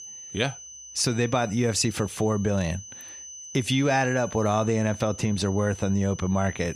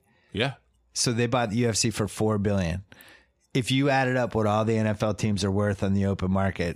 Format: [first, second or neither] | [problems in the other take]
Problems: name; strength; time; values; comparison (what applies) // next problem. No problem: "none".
second | high-pitched whine; noticeable; throughout; 6 kHz, 15 dB below the speech